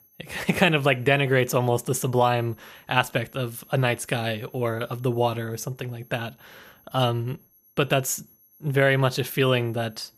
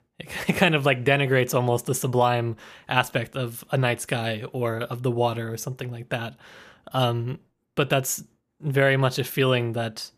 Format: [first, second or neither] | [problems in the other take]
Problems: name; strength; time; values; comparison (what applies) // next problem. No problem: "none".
second | high-pitched whine; faint; throughout; 11.5 kHz, 30 dB below the speech